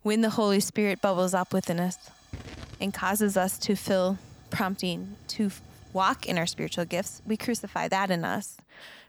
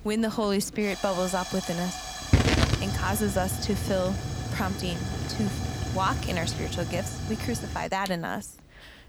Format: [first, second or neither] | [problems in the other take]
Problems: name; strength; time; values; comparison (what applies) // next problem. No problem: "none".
first | hiss; loud; throughout; 1 dB below the speech; faint in the first